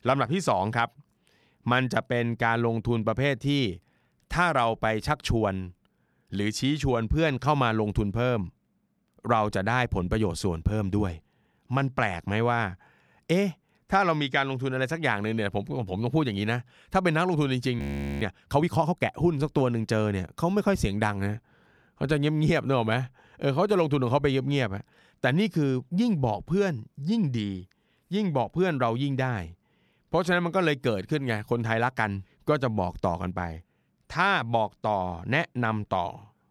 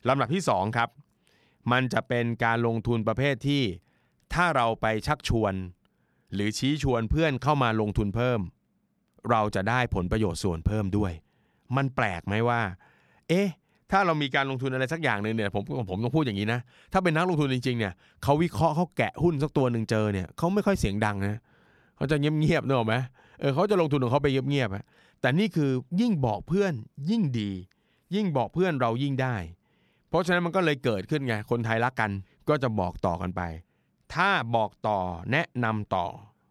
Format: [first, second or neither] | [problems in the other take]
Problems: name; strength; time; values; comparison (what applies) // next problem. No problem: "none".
second | audio freezing; at 18 s